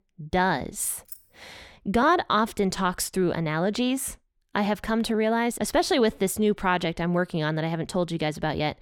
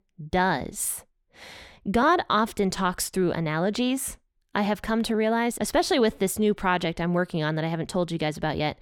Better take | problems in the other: second | jangling keys; faint; at 1 s; peak 15 dB below the speech

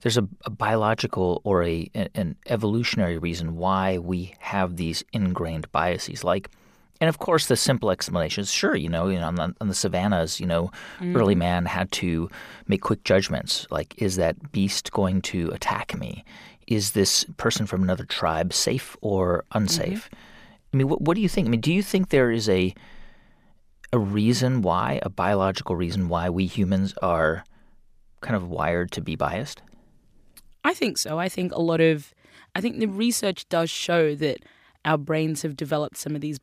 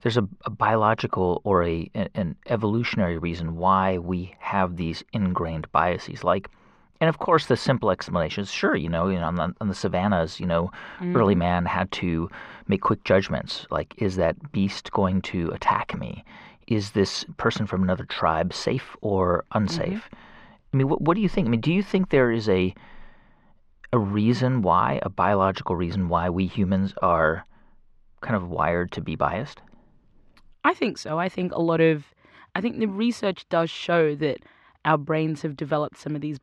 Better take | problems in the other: first | muffled; slightly; fading above 3 kHz

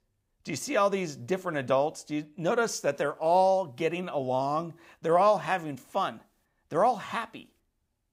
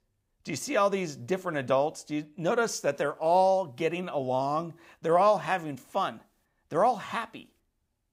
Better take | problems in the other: neither | none

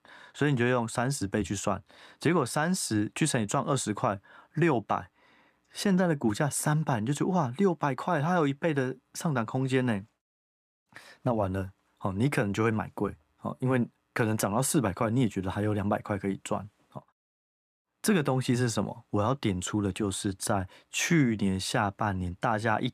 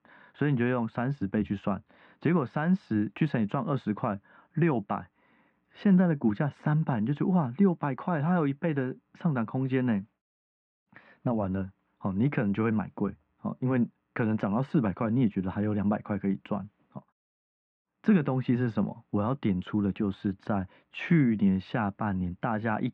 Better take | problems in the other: first | muffled; very; fading above 3 kHz

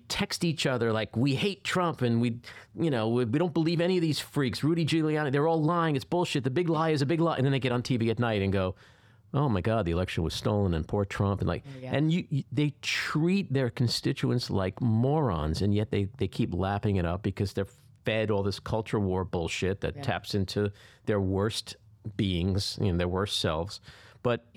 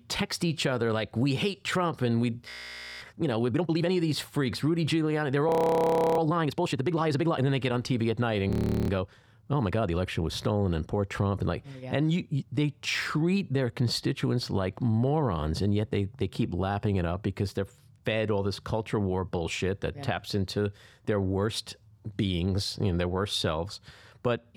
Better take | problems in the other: first | audio freezing; at 2.5 s for 0.5 s, at 5.5 s for 0.5 s and at 8.5 s

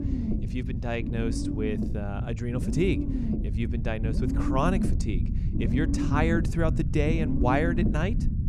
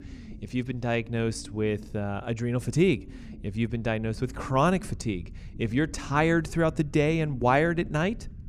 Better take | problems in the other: second | low rumble; loud; throughout; 5 dB below the speech; faint in the second

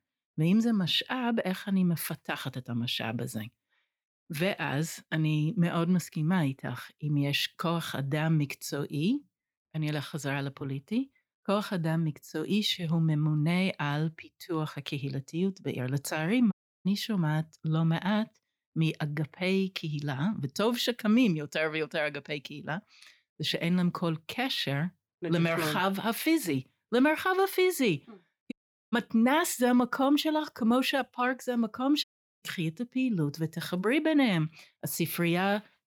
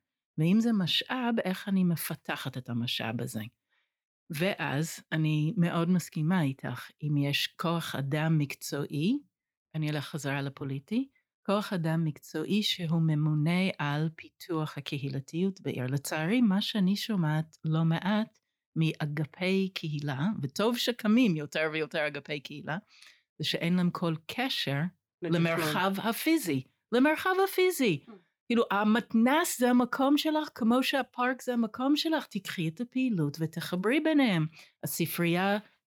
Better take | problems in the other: second | audio cutting out; at 17 s, at 29 s and at 32 s

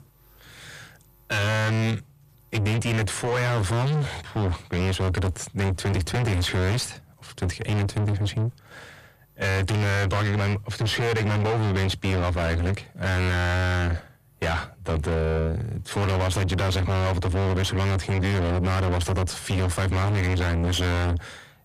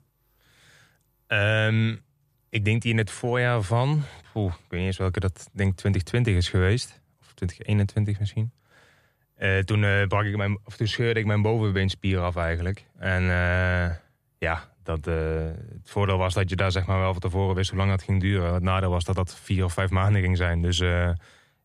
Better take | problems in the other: second | distortion; heavy; 5 dB below the speech

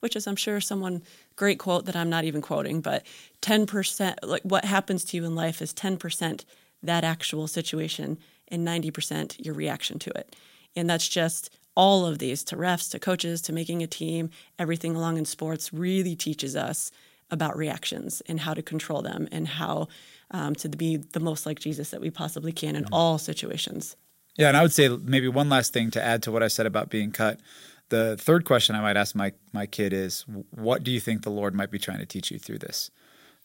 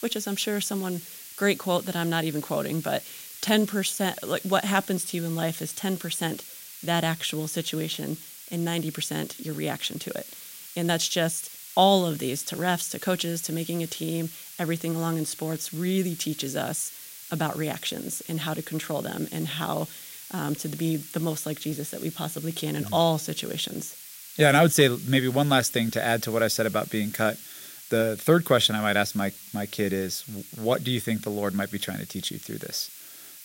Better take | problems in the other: first | hiss; noticeable; throughout; 15 dB below the speech

